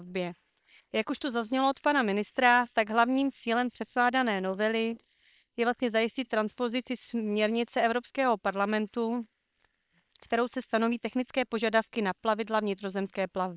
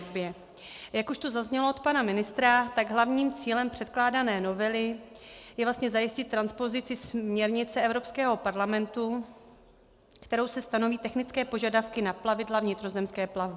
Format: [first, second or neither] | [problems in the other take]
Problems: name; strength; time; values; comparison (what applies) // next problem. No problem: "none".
second | noise reduction (neural separator model SepFormer WHAM!)